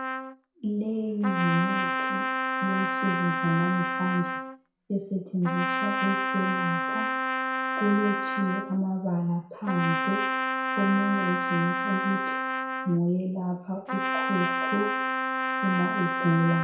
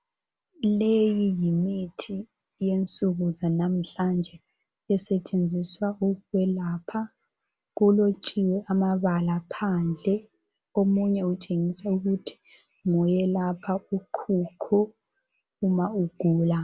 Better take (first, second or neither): second